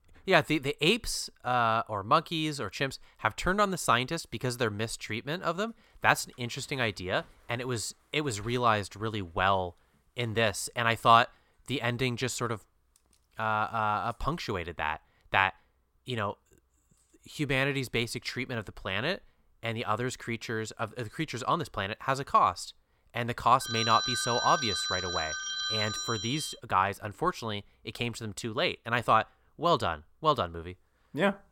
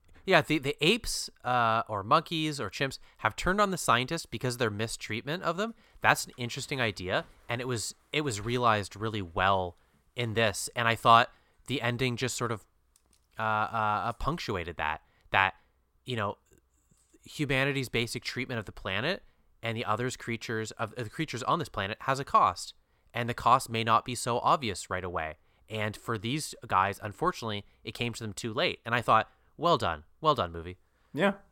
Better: second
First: phone ringing; loud; from 24 to 27 s; peak level with the speech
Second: none

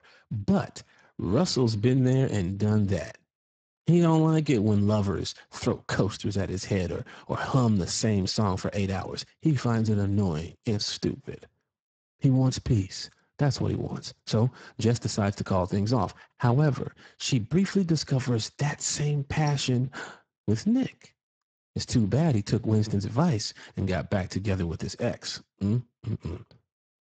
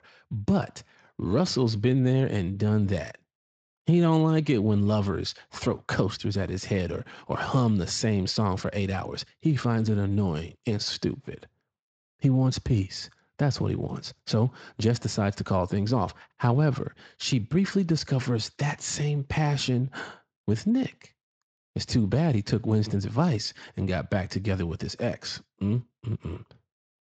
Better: second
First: garbled, watery; badly; nothing above 7.5 kHz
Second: garbled, watery; slightly; nothing above 7.5 kHz

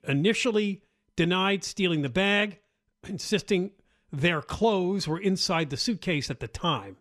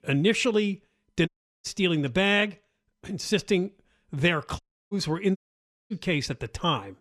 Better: first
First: none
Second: audio cutting out; at 1.5 s, at 4.5 s and at 5.5 s for 0.5 s

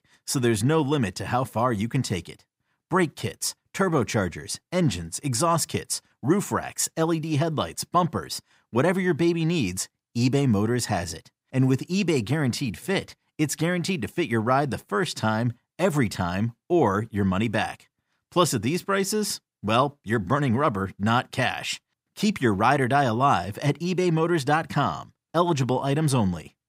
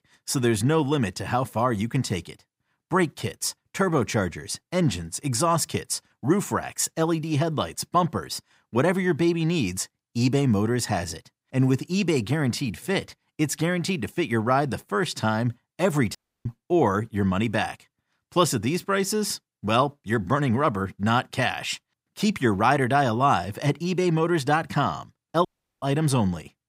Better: first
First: none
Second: audio cutting out; at 16 s and at 25 s

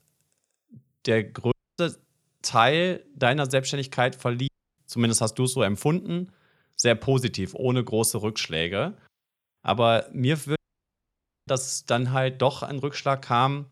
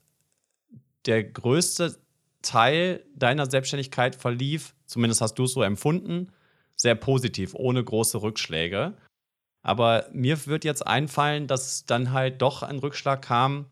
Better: second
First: audio cutting out; at 1.5 s, at 4.5 s and at 11 s for 1 s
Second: none

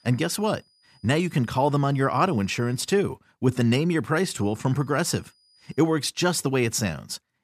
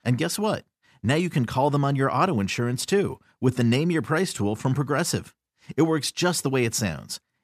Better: second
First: high-pitched whine; faint; until 3 s and from 4.5 to 6 s; 5 kHz, 35 dB below the speech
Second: none

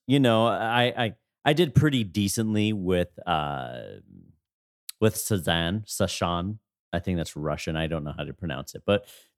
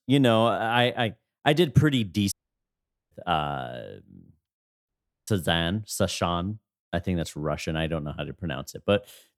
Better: first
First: none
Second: audio cutting out; at 2.5 s for 1 s and at 5 s

